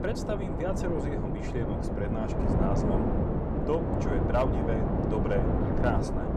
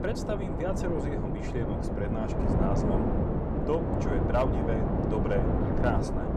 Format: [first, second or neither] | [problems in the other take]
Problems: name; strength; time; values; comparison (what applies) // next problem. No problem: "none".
neither | wind noise on the microphone; heavy; 1 dB above the speech; the same in both